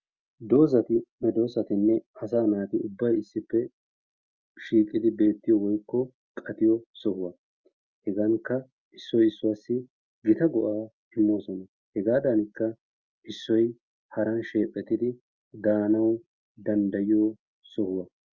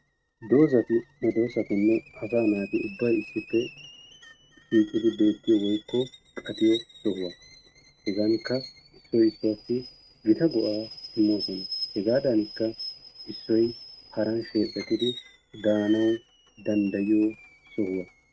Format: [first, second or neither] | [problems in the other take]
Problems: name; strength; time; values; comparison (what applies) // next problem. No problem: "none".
first | noise reduction (neural mask model RNNoise)